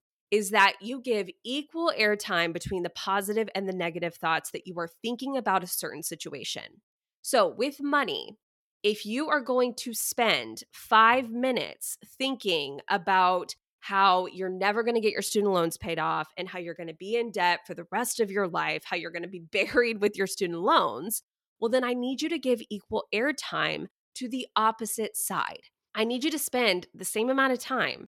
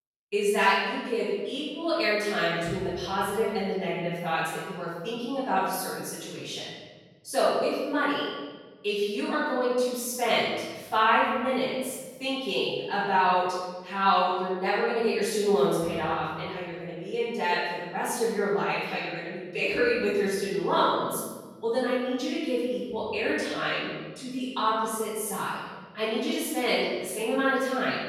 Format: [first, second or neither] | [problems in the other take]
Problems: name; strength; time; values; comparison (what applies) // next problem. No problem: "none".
first | off-mic speech; far // room echo; strong; dies away in 1.4 s